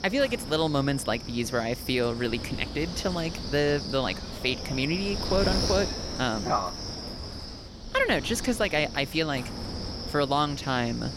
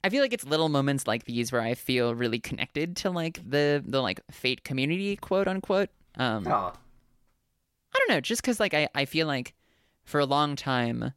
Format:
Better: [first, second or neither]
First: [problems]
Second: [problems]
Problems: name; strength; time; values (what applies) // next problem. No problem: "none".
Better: second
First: wind noise on the microphone; heavy; 8 dB below the speech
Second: none